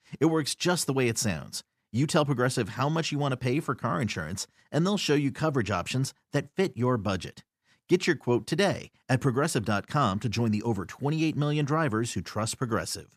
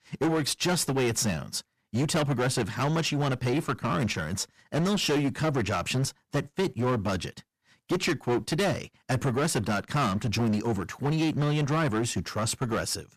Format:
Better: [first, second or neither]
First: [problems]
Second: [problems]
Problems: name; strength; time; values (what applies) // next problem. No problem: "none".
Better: first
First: none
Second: distortion; heavy; 15% of the sound clipped